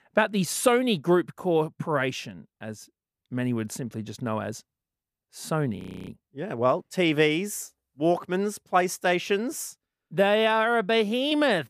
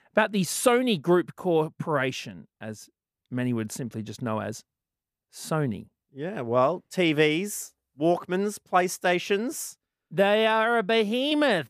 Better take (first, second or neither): second